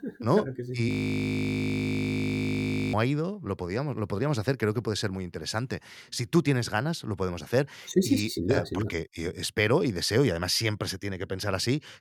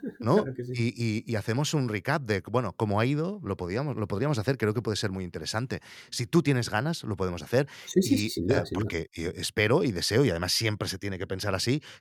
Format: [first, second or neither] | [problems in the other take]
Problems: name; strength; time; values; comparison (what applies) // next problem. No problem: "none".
second | audio freezing; at 1 s for 2 s